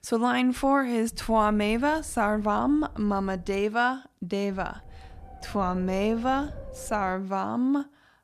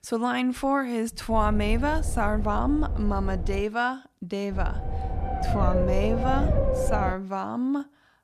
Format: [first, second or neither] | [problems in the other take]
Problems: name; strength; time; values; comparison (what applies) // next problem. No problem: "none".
first | low rumble; loud; from 1.5 to 3.5 s and from 4.5 to 7 s; 4 dB below the speech; faint in the first